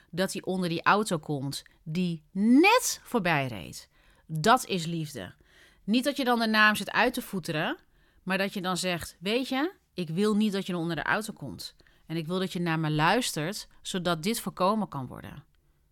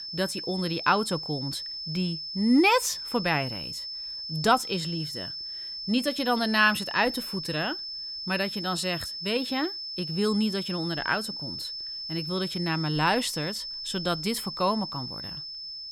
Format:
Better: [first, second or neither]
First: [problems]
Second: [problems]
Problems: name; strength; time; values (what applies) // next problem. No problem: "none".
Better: first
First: none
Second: high-pitched whine; loud; throughout; 5.5 kHz, 6 dB below the speech